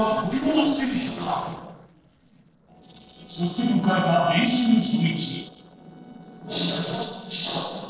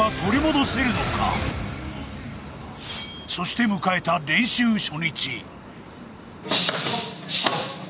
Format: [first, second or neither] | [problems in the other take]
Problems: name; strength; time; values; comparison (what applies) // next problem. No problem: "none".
second | noise reduction (neural separator model SepFormer DNS4)